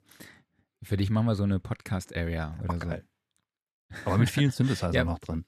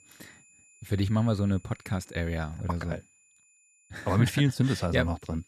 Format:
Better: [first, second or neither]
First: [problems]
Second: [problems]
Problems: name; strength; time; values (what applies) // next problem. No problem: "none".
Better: first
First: none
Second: high-pitched whine; faint; throughout; 7 kHz, 30 dB below the speech